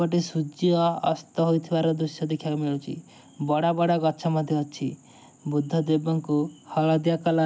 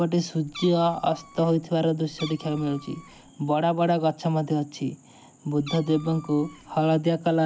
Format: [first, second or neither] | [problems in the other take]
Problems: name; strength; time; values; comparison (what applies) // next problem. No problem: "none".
first | background sound (Meow); 19 dB below the speech